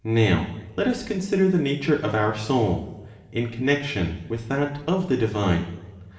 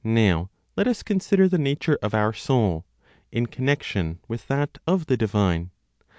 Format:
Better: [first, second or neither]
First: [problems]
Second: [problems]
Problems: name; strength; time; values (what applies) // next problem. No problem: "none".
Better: second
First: room echo; dies away in 1 s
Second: none